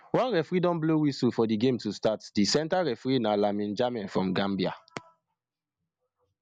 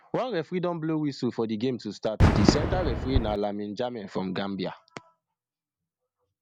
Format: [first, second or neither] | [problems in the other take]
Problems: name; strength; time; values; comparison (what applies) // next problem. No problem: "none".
first | background sound (Fireworks); 1 dB above the speech